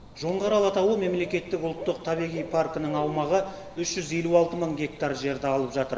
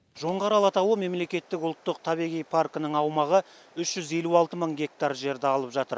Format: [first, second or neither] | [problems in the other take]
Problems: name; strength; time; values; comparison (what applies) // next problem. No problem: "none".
second | background sound (Cricket / Bird); 15 dB below the speech // room echo; dies away in 2.4 s